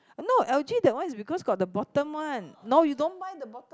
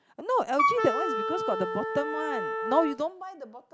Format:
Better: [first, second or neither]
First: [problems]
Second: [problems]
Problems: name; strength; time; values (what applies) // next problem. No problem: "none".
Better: first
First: none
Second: background sound (Wind instrument, woodwind instrument); as loud as the speech